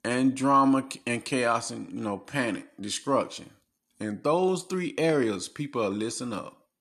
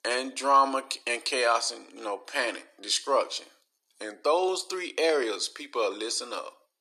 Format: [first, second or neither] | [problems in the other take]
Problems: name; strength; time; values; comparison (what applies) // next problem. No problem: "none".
first | thin; very; fading below 400 Hz